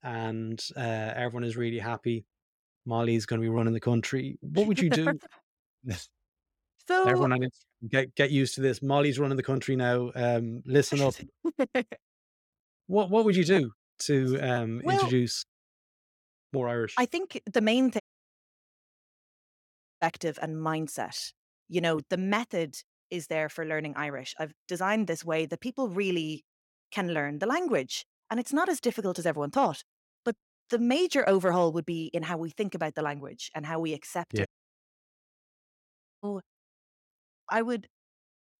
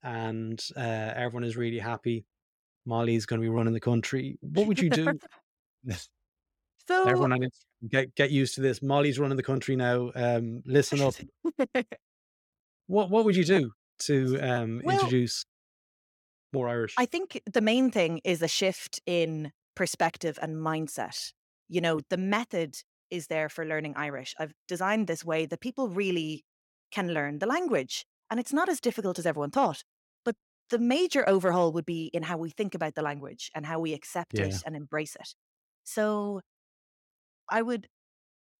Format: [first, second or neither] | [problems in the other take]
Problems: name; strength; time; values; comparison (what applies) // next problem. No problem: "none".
second | audio cutting out; at 18 s for 2 s and at 34 s for 2 s